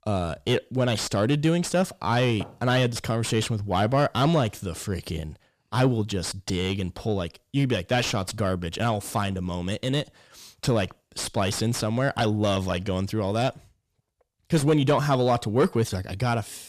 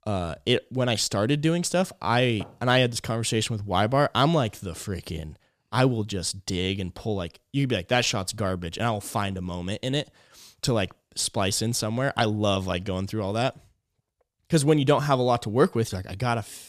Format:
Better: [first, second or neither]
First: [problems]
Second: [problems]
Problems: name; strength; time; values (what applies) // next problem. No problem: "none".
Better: second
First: distortion; slight; 10 dB below the speech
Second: none